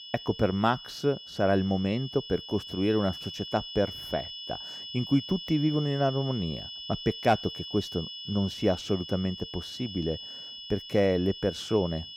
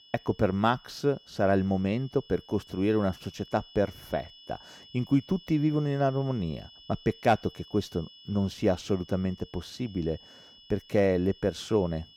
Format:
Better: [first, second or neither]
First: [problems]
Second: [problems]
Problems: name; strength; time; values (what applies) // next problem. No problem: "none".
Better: second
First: high-pitched whine; loud; throughout; 3 kHz, 10 dB below the speech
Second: high-pitched whine; faint; throughout; 3 kHz, 20 dB below the speech